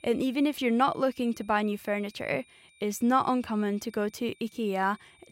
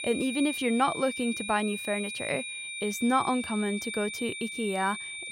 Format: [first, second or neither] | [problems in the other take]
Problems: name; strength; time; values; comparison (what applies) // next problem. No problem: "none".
first | high-pitched whine; loud; throughout; 2.5 kHz, 5 dB below the speech; faint in the first